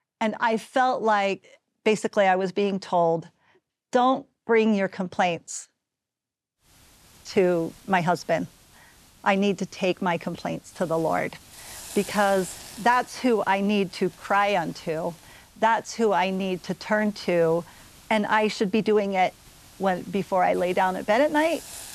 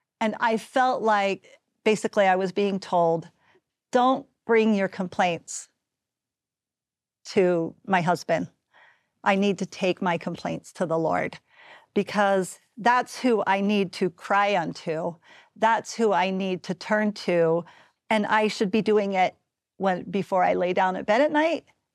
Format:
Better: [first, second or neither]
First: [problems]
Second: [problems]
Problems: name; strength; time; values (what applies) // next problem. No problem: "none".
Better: second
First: hiss; faint; from 6.5 s on; 20 dB below the speech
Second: none